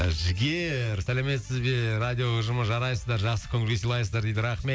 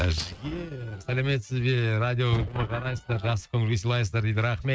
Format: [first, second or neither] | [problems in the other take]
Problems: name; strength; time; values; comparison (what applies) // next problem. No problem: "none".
first | noise reduction (neural mask model RNNoise)